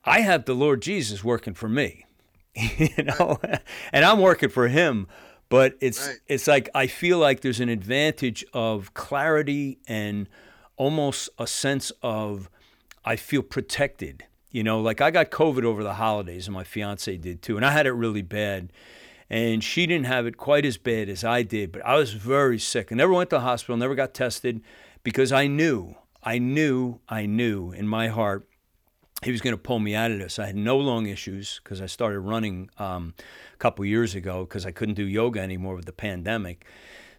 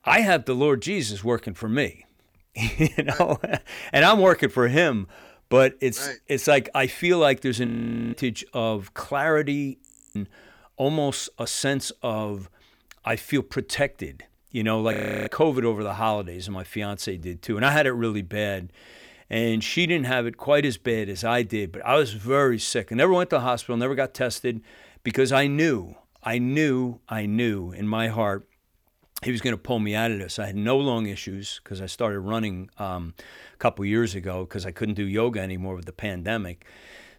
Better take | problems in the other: first | audio freezing; at 7.5 s, at 10 s and at 15 s

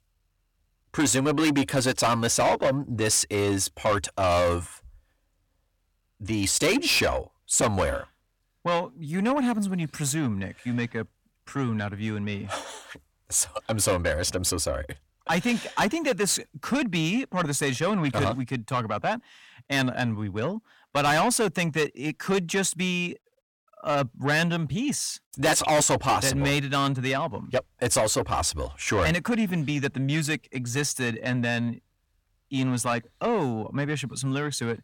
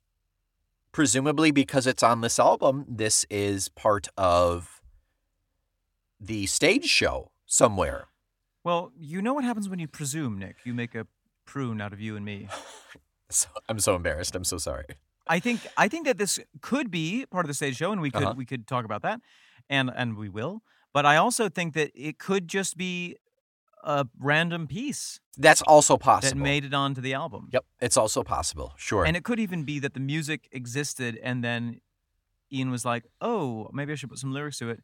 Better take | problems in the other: second | distortion; heavy; 6 dB below the speech

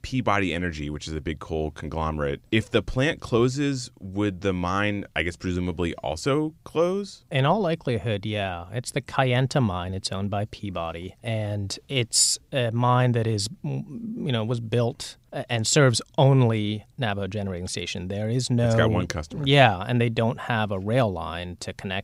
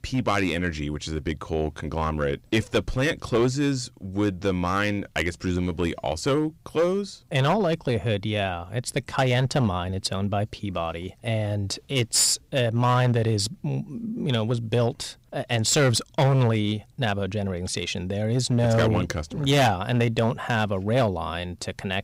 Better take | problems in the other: first | distortion; slight; 5% of the sound clipped

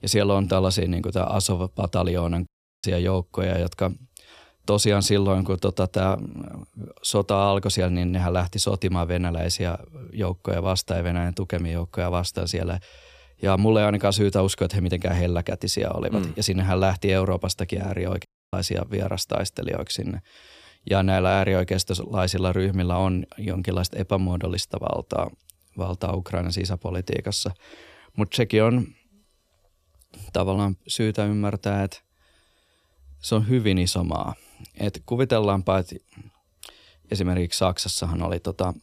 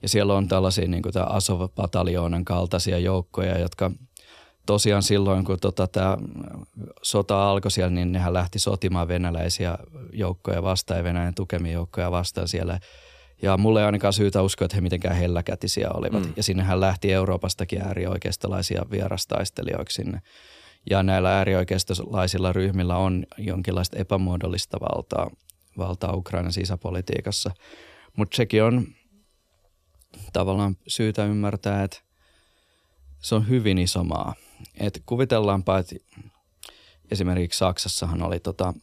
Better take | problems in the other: second | audio cutting out; at 2.5 s and at 18 s

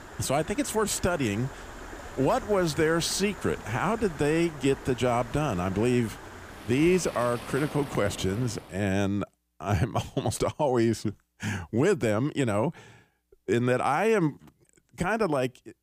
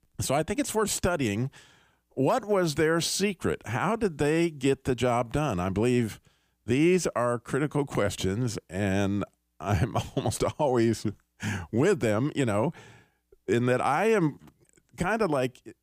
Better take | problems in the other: second | rain or running water; noticeable; until 8.5 s; 15 dB below the speech

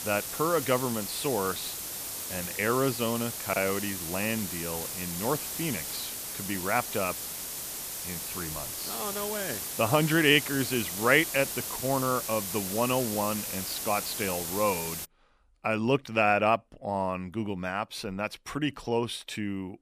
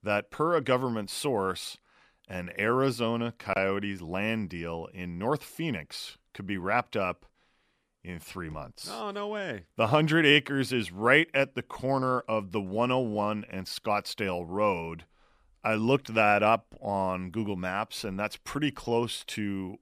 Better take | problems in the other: second | hiss; loud; until 15 s; 4 dB below the speech

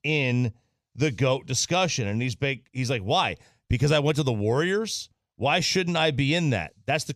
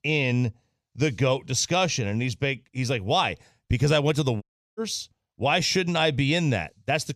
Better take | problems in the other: first | audio cutting out; at 4.5 s

